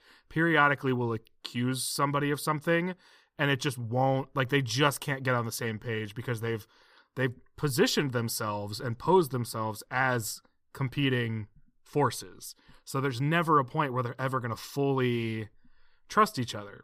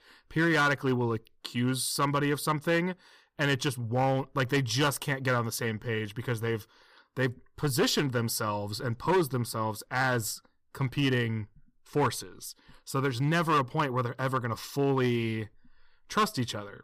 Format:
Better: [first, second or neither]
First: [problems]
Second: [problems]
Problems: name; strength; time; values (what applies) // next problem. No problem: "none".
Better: first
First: none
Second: distortion; slight; 4% of the sound clipped